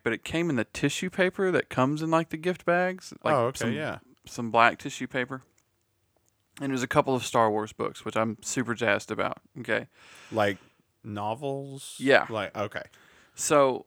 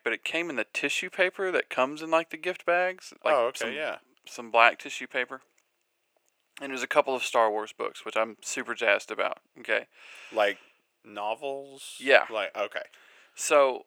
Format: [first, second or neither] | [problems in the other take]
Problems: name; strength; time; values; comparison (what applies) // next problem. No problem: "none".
first | thin; somewhat; fading below 450 Hz